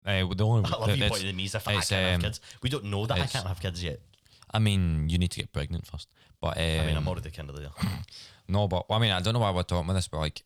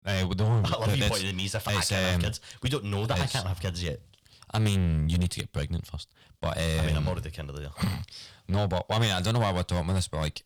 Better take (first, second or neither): first